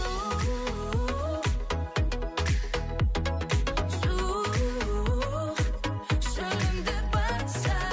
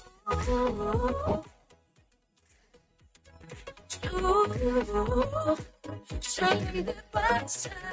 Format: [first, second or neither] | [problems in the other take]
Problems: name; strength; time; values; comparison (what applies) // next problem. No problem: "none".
first | noise reduction (neural mask model RNNoise)